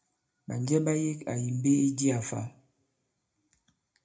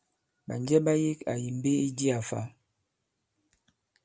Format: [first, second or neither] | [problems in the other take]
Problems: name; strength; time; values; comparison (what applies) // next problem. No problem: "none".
second | room echo; dies away in 0.2 s